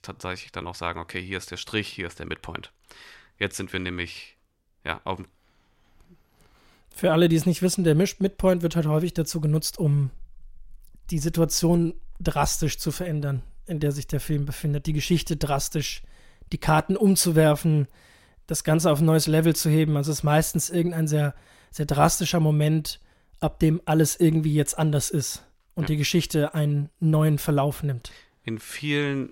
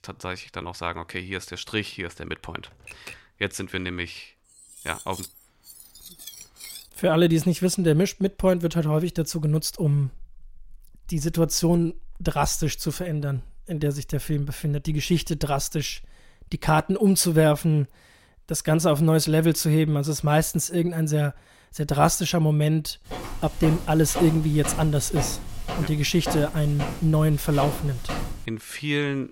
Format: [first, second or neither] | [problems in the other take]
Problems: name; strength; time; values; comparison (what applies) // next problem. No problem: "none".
first | keyboard typing; faint; at 2.5 s; peak 15 dB below the speech // clattering dishes; faint; from 4.5 to 7 s; peak 15 dB below the speech // footsteps; noticeable; from 23 to 28 s; peak 7 dB below the speech